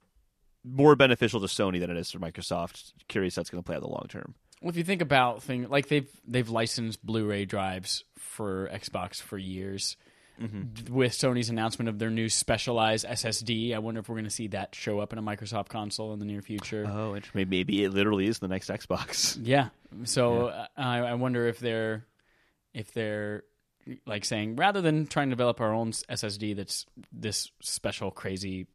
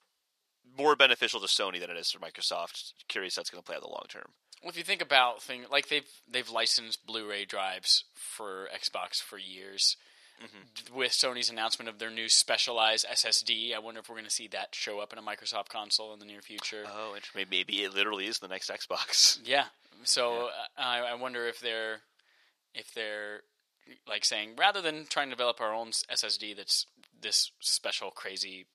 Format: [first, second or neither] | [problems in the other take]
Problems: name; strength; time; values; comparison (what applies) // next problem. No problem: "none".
first | thin; very; fading below 650 Hz